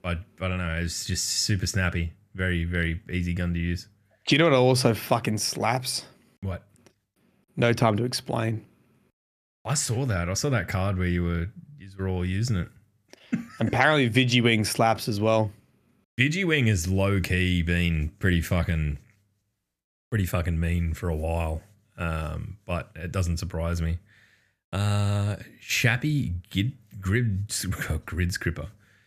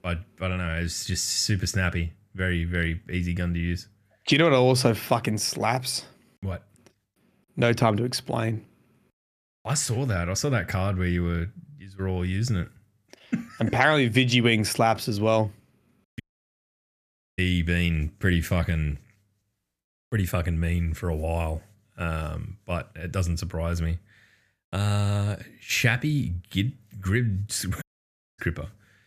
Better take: first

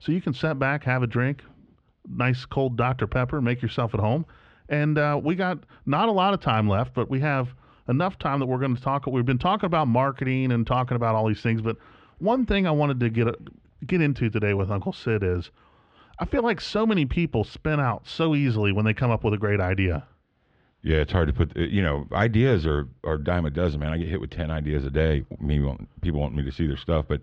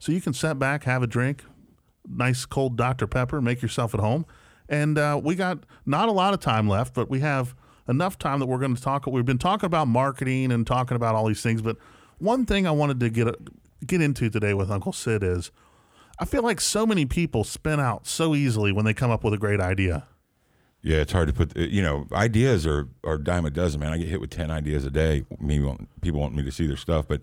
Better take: second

